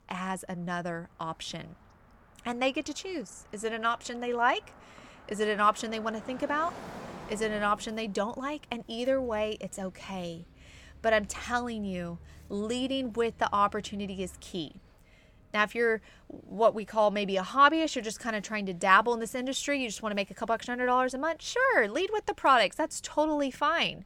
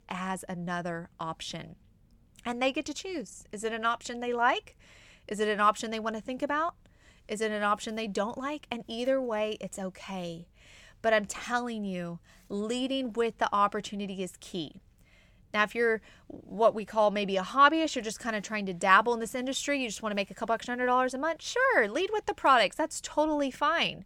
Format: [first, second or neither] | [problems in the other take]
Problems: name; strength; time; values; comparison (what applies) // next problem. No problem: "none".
second | traffic noise; faint; throughout; 20 dB below the speech